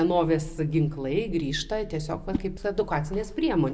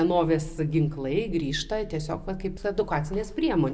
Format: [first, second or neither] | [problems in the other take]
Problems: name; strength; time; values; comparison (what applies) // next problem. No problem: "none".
second | background sound (Whoosh, swoosh, swish); 14 dB below the speech